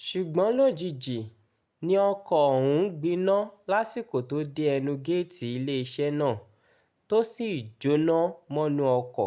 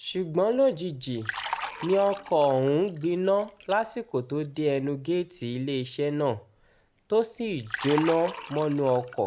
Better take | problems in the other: first | background sound (Liquid); 14 dB below the speech

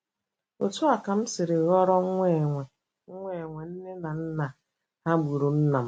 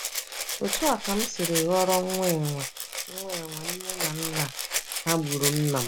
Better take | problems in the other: first | background sound (Rattle (instrument)); 3 dB below the speech

